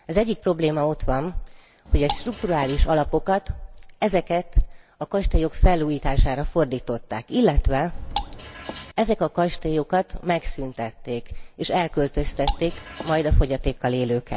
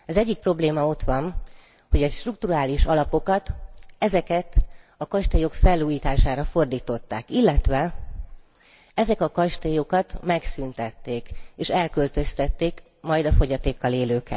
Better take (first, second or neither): second